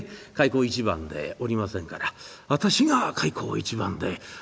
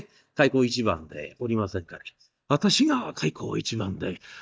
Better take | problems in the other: first | noise reduction (neural mask model DeepFilterNet 3)

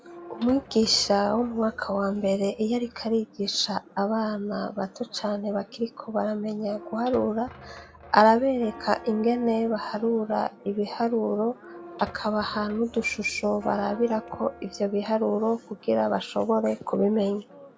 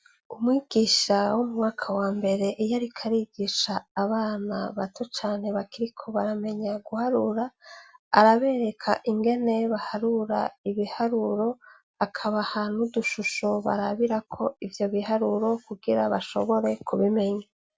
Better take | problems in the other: second | background sound (Church bell + Squeak / Thump, thud); 19 dB below the speech

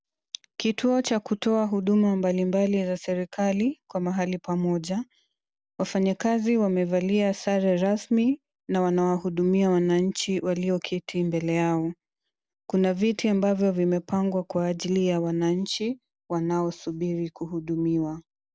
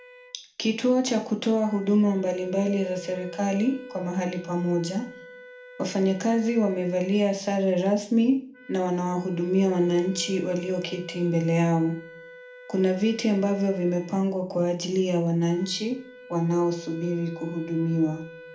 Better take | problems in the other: first | background sound (Wind instrument, woodwind instrument); 19 dB below the speech // room echo; dies away in 0.4 s

